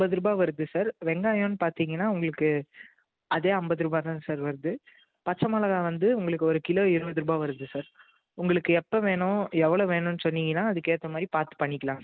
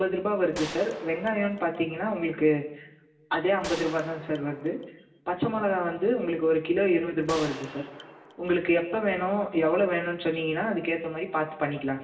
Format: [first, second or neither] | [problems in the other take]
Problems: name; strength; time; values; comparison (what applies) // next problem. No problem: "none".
first | background sound (Gunshot, gunfire); 14 dB below the speech // room echo; dies away in 0.9 s